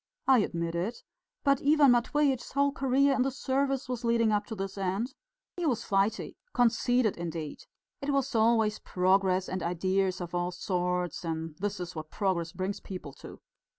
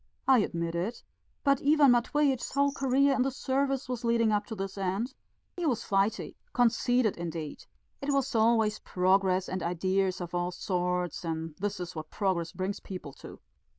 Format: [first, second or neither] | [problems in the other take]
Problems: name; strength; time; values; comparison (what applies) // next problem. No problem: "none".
first | noise reduction (neural diffusion model UNIVERSE++)